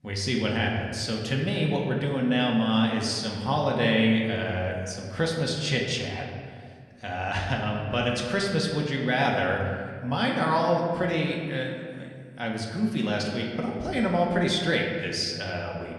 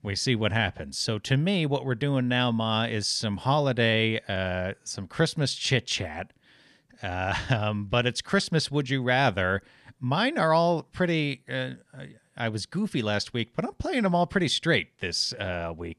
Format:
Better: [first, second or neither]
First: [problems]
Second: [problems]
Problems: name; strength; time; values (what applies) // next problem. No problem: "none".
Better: second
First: room echo; noticeable; dies away in 1.7 s // off-mic speech; somewhat distant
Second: none